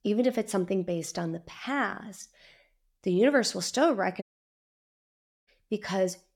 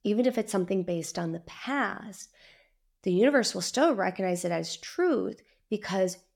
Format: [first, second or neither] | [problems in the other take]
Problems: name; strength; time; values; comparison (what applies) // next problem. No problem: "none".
second | audio cutting out; at 4 s for 1.5 s